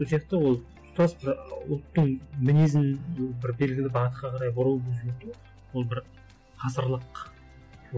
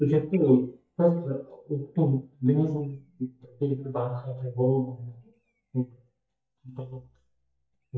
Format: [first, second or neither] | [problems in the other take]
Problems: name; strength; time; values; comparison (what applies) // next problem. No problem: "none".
first | noise reduction (neural mask model DeepFilterNet 3)